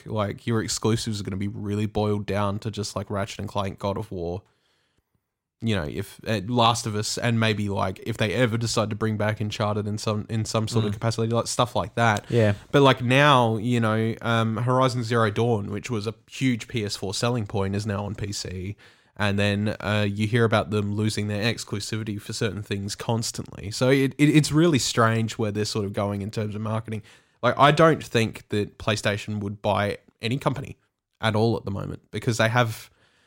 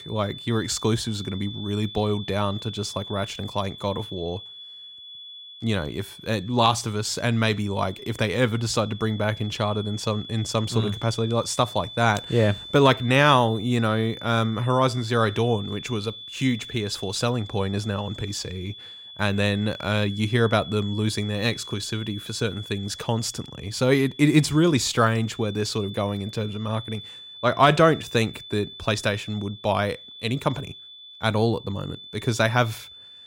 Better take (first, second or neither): first